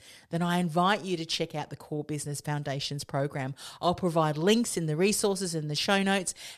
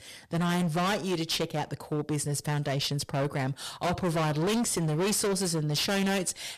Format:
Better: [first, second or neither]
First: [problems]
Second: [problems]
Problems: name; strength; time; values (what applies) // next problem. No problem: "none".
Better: first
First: none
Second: distortion; heavy; 25% of the sound clipped